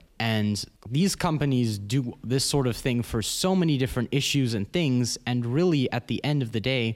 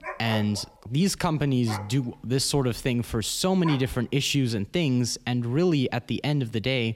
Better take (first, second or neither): first